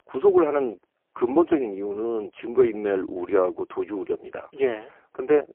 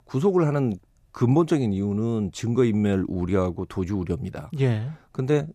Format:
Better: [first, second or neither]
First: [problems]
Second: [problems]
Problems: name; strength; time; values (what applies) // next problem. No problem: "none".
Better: second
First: phone-call audio; poor line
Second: none